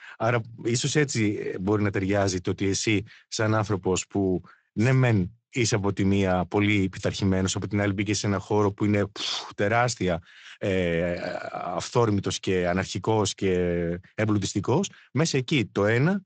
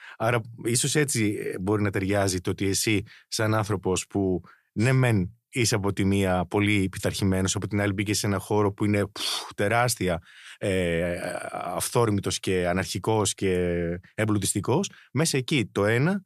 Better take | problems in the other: second | garbled, watery; slightly; nothing above 8 kHz

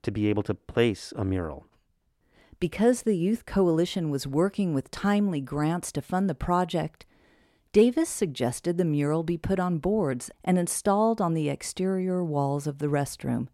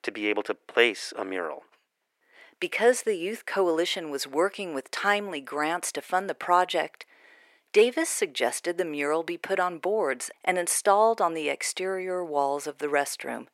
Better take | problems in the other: first | thin; very; fading below 450 Hz

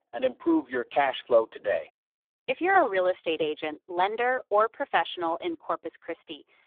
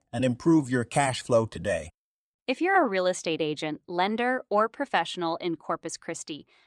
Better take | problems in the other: second | phone-call audio; poor line; nothing above 3.5 kHz

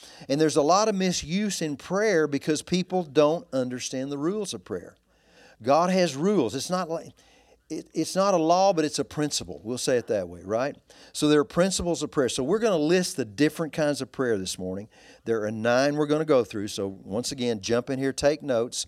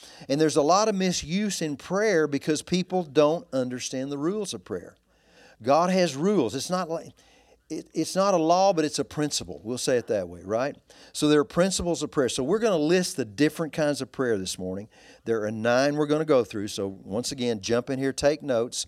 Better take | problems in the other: neither | none

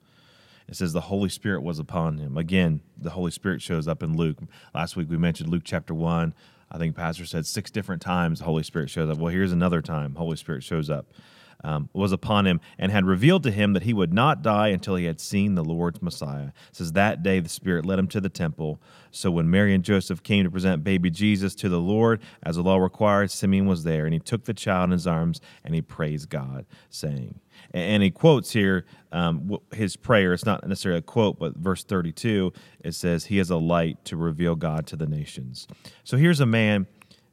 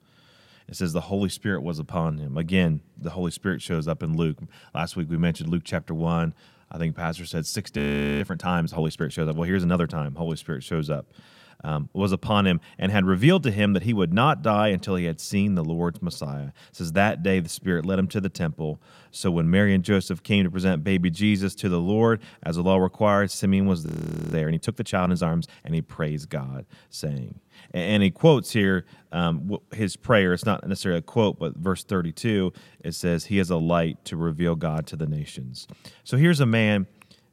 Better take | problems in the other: first | audio freezing; at 8 s and at 24 s

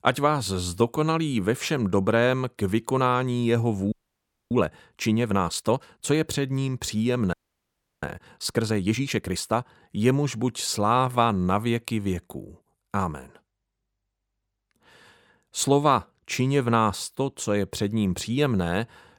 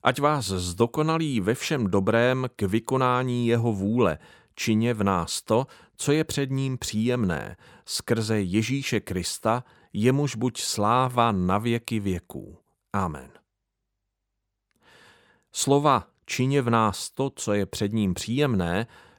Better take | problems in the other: second | audio freezing; at 4 s for 0.5 s and at 7.5 s for 0.5 s

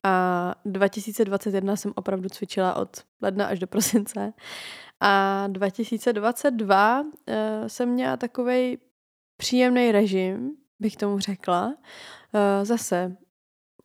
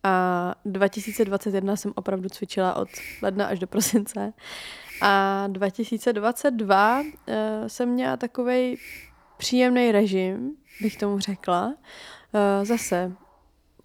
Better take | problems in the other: first | hiss; noticeable; throughout; 15 dB below the speech

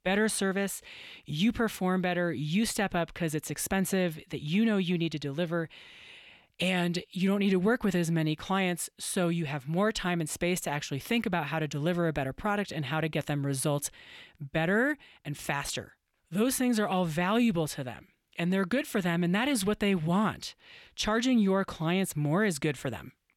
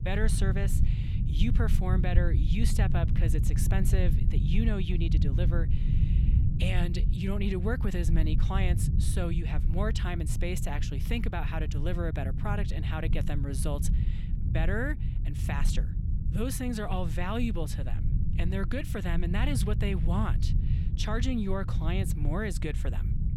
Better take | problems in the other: first | low rumble; loud; throughout; 7 dB below the speech

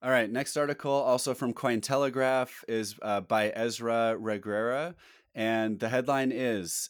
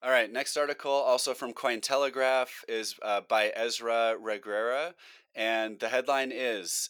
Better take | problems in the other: first | thin; somewhat; fading below 500 Hz

